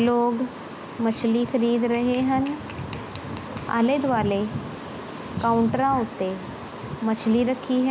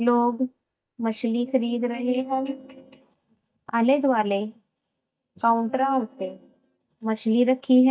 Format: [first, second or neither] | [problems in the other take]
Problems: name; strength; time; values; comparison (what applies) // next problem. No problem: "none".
first | noise reduction (neural mask model DeepFilterNet 3)